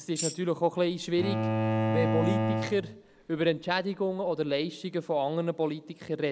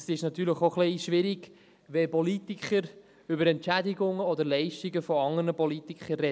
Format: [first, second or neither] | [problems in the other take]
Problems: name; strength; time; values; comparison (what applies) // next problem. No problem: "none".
second | background sound (Tambourine + Bowed string instrument); 2 dB below the speech